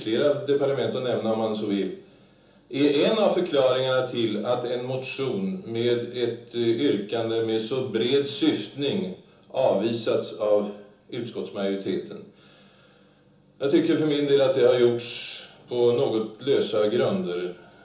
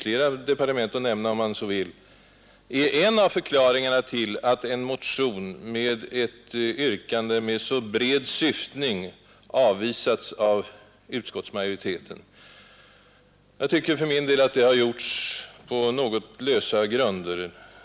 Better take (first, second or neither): second